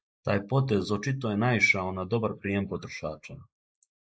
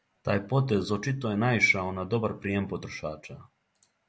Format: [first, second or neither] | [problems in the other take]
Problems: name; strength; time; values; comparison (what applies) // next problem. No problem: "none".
second | noise reduction (neural mask model Resemble Enhance denoiser)